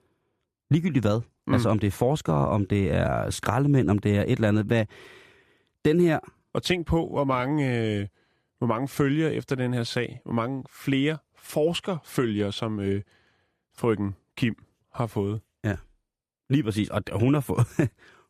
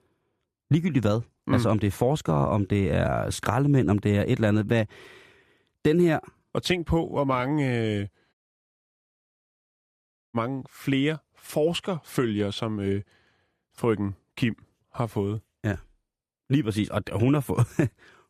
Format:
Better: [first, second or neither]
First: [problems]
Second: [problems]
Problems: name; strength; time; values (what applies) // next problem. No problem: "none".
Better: first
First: none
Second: audio cutting out; at 8.5 s for 2 s